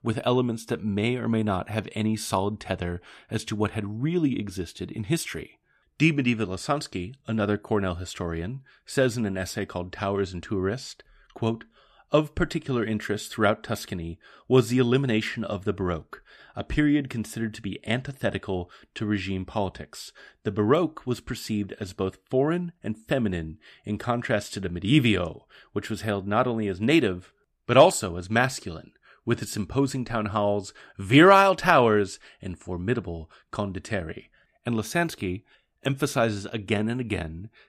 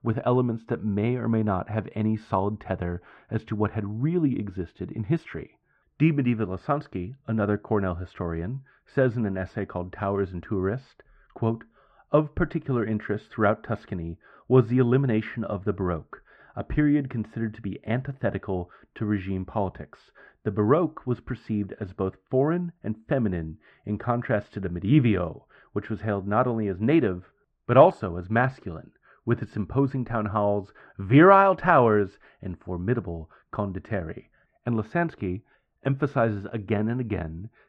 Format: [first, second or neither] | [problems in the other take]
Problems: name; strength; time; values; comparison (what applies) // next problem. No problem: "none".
first | muffled; very; fading above 1.5 kHz